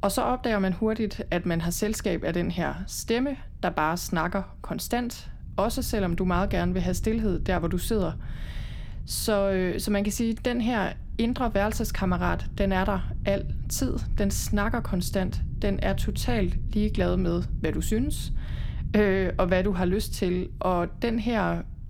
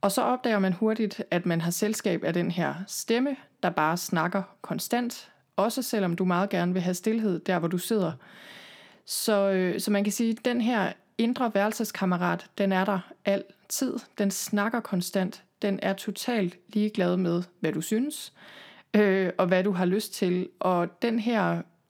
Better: second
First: low rumble; faint; throughout; 20 dB below the speech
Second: none

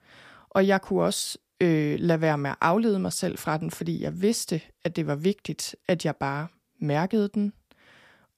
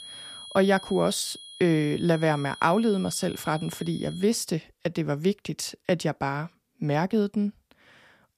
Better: first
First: none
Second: high-pitched whine; noticeable; until 4.5 s; 3.5 kHz, 15 dB below the speech

